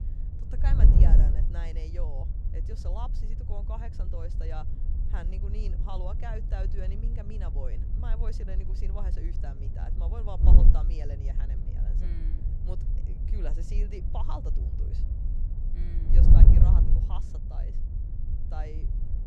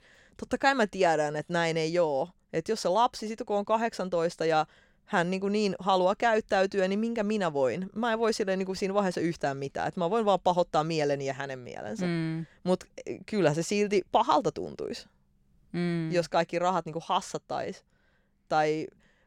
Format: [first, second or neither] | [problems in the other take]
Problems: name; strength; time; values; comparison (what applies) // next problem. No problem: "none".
second | wind noise on the microphone; heavy; 1 dB below the speech